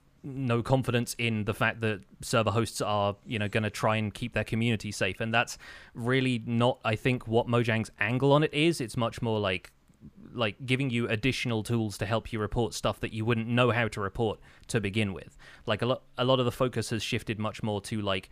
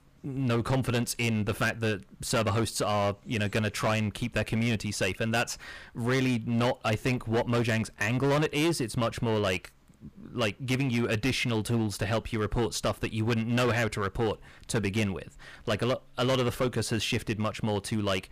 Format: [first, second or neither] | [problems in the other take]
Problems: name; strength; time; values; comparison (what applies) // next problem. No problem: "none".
first | distortion; heavy; 12% of the sound clipped